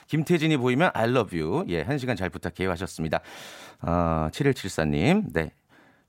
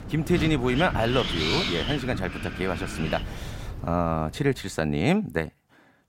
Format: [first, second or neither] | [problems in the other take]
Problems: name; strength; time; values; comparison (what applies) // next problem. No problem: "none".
first | wind in the background; loud; until 4.5 s; 4 dB below the speech